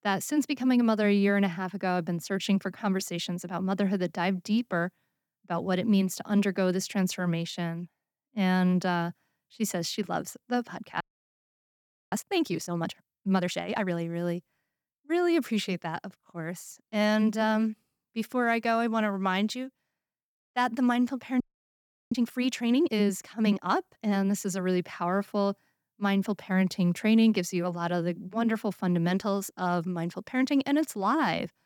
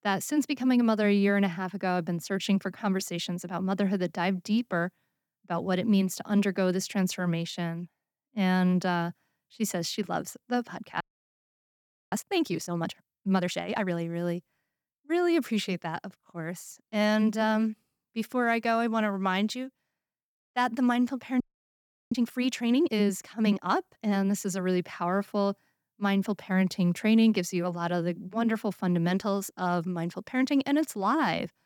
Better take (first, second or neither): neither